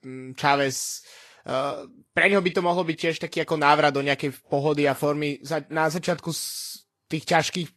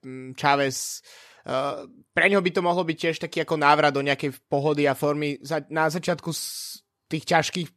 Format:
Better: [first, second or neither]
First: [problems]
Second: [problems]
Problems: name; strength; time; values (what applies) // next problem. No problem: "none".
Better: second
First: garbled, watery; slightly; nothing above 12.5 kHz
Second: none